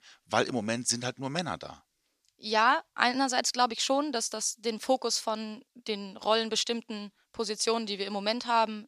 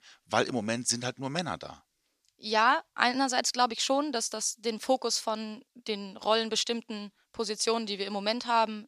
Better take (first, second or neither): neither